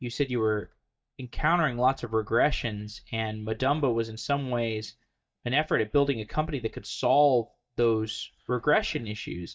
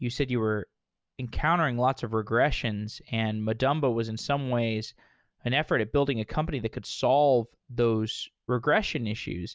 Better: second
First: noise reduction (neural mask model DeepFilterNet 3)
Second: none

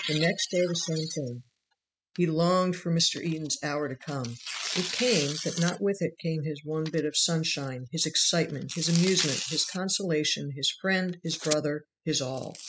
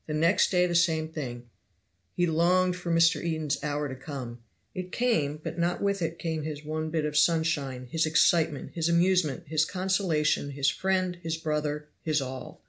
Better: second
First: noise reduction (classical method spectral subtraction)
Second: none

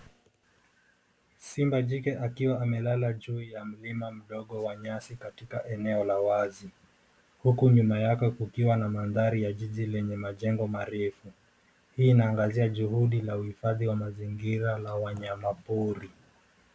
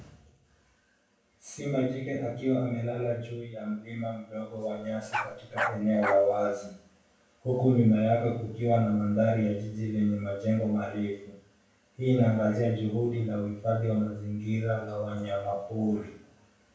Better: first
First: none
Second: background sound (Bark); 6 dB below the speech // room echo; dies away in 0.6 s

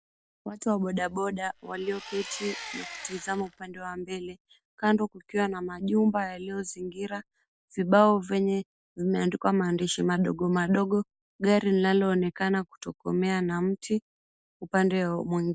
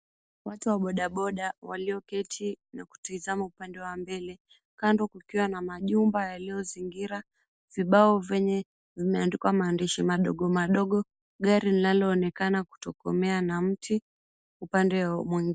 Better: second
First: background sound (Engine); 14 dB below the speech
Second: none

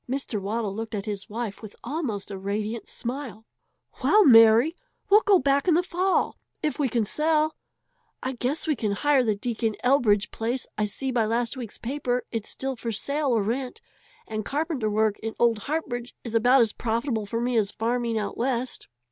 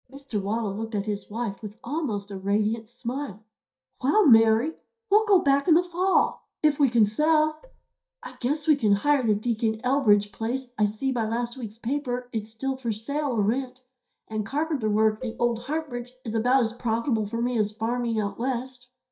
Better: first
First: none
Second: noise reduction (neural mask model DeepFilterNet 3)

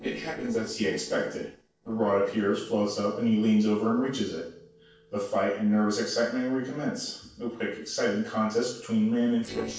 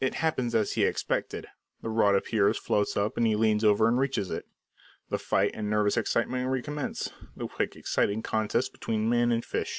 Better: second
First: noise reduction (neural separator model SepFormer DNS4)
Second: none

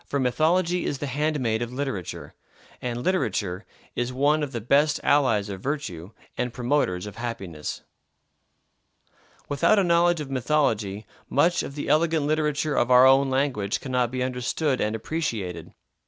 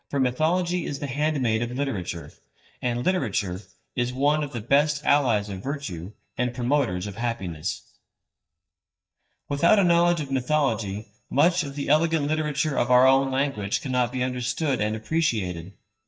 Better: first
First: none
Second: noise reduction (neural mask model DeepFilterNet 3)

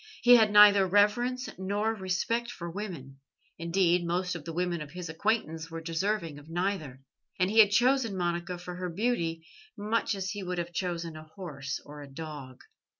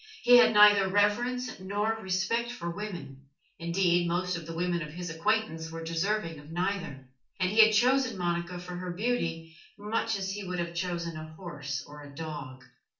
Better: first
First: none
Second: room echo; dies away in 0.3 s

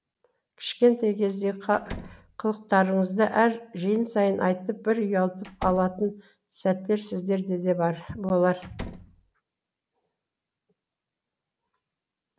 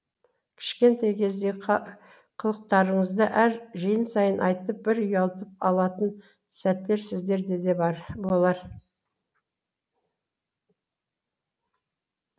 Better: second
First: background sound (Slam); 14 dB below the speech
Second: none

